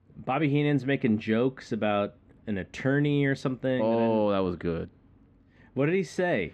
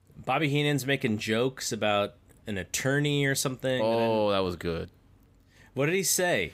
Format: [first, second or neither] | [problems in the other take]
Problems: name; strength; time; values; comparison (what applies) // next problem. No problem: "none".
second | muffled; very; fading above 2.5 kHz